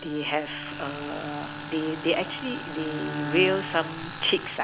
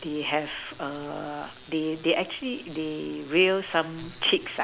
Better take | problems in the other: second | background sound (Bowed string instrument + Tools); 7 dB below the speech

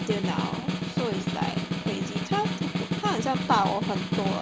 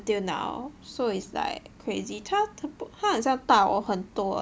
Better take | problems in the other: second | background sound (Snare drum); 1 dB above the speech

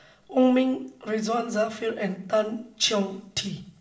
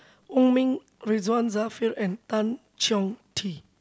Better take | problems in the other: second | room echo; dies away in 0.4 s

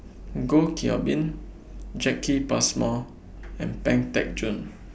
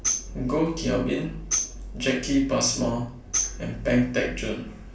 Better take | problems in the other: first | background sound (Tambourine); 7 dB below the speech // room echo; dies away in 0.3 s

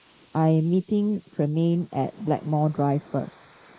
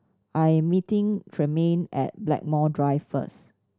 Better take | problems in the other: second | noise reduction (neural mask model Resemble Enhance denoiser)

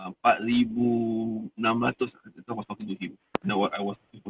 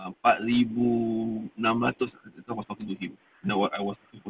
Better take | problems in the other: second | noise reduction (neural mask model RNNoise)

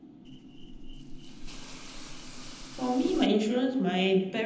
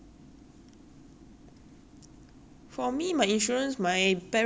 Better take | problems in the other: second | background sound (Hiss / Insect); 11 dB below the speech // room echo; dies away in 0.9 s

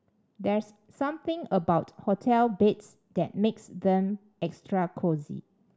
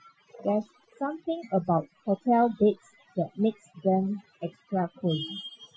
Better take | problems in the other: first | noise reduction (classical method Wiener filter)

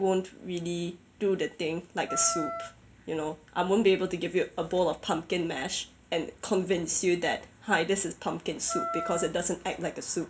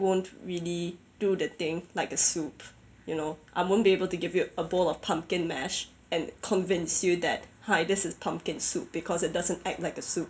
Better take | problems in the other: second | background sound (Wind instrument, woodwind instrument); 6 dB below the speech

